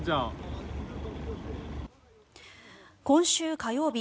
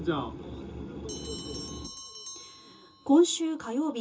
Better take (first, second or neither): first